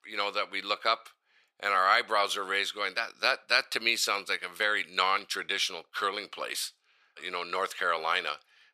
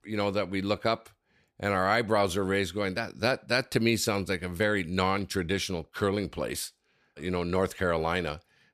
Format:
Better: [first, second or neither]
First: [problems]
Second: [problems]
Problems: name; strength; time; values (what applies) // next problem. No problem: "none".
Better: second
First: thin; very; fading below 600 Hz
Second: none